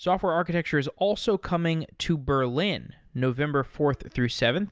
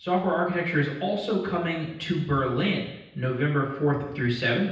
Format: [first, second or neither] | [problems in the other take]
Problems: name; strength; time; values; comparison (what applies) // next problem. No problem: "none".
first | room echo; dies away in 0.9 s